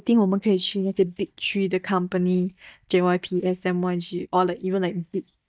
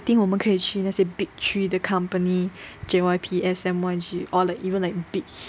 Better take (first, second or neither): second